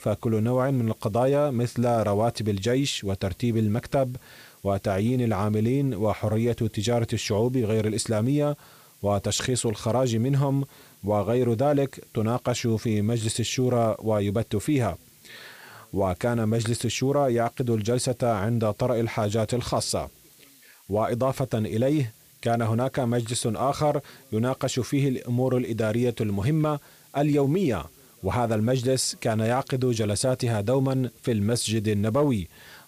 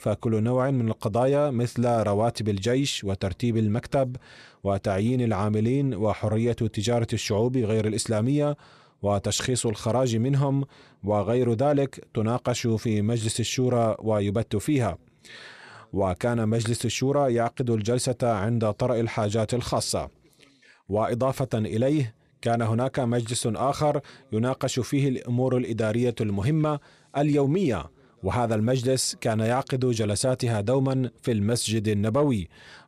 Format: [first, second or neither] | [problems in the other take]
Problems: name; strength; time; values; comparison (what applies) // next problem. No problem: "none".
second | hiss; faint; throughout; 25 dB below the speech